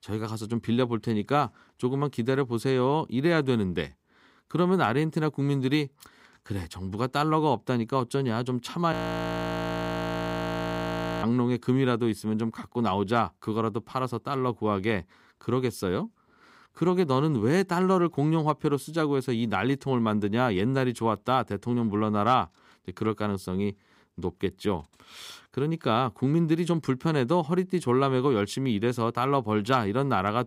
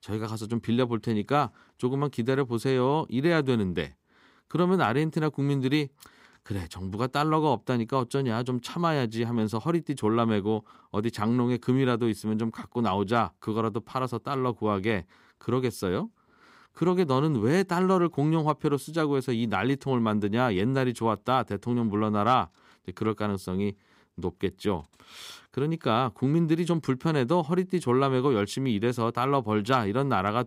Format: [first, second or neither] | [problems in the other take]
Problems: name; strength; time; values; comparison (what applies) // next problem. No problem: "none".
second | audio freezing; at 9 s for 2.5 s